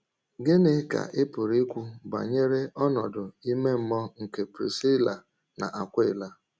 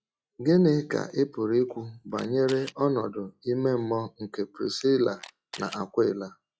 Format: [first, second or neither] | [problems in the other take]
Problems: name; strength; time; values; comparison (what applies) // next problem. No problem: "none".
first | noise reduction (classical method log-MMSE)